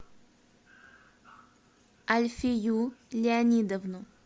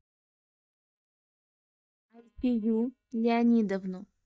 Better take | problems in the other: first | noise reduction (neural mask model DeepFilterNet 3)

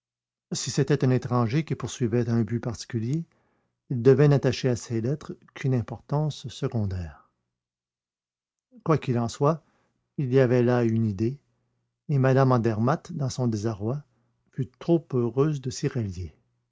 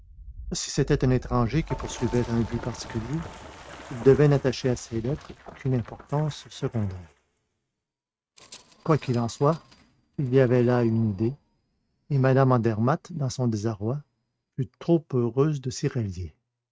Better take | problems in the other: first | noise reduction (neural mask model RNNoise)

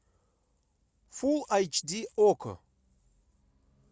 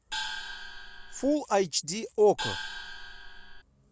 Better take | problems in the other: first | background sound (Gong); 7 dB below the speech

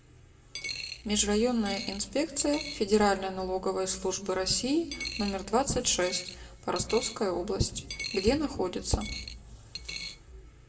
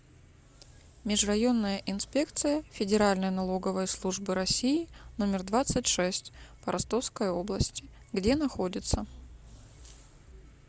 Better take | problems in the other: second | background sound (Coin (dropping)); 12 dB below the speech // room echo; dies away in 0.8 s

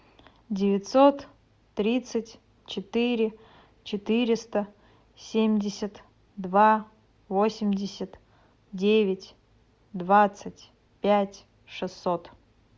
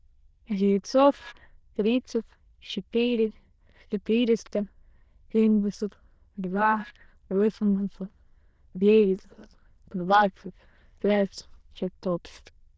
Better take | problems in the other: first | noise reduction (neural diffusion model UNIVERSE++)

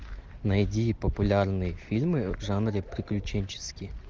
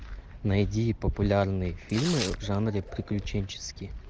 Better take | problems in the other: first | background sound (Tearing); 12 dB below the speech

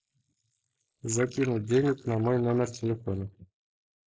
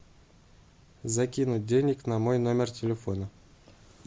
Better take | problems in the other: second | noise reduction (neural mask model Resemble Enhance denoiser)

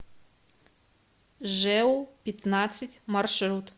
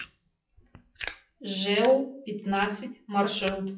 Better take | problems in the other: first | noise reduction (classical method WPE with log-MMSE)

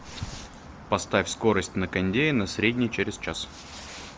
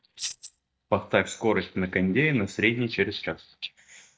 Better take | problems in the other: first | noise reduction (neural mask model DeepFilterNet 3)

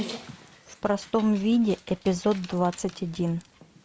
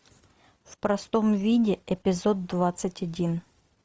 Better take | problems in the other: second | background sound (Dog); 16 dB below the speech

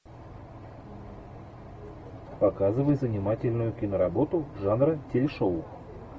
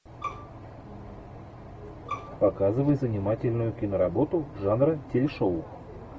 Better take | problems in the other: first | background sound (Bowed string instrument); 12 dB below the speech

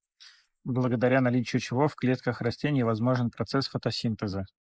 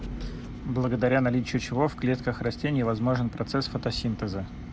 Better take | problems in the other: second | noise reduction (neural mask model Resemble Enhance denoiser)

